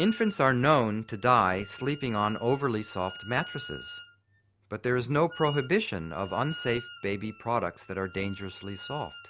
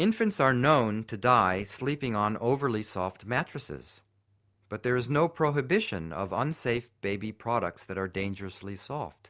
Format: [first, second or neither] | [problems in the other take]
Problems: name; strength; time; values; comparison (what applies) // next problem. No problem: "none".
second | background sound (Wind instrument, woodwind instrument); 17 dB below the speech